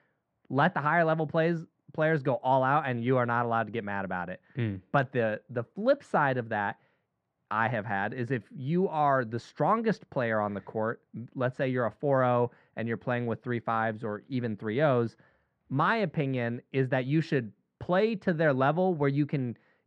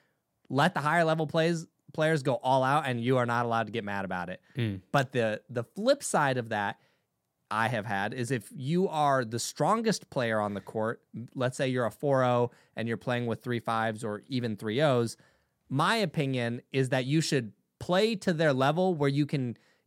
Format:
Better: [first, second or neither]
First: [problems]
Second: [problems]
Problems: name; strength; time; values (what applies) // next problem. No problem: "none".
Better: second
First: muffled; very; fading above 2 kHz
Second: none